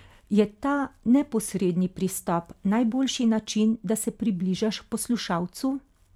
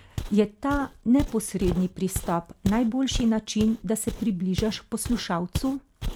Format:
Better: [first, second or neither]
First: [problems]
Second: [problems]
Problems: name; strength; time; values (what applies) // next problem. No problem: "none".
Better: first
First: none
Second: background sound (Walk, footsteps); 9 dB below the speech